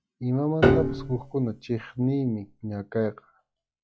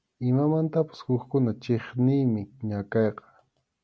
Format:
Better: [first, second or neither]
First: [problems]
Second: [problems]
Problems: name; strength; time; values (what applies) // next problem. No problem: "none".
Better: second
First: noise reduction (classical method log-MMSE)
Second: none